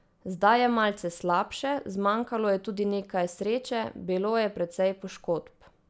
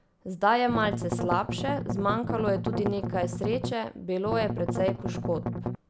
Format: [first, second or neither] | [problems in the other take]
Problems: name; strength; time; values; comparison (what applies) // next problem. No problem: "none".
first | background sound (Strum); 2 dB below the speech